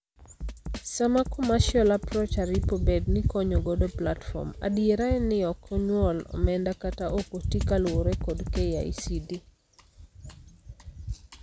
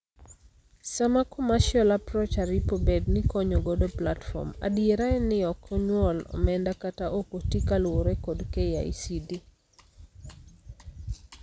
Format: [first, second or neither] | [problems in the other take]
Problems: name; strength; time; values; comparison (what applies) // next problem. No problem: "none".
second | background sound (Drum kit); 14 dB below the speech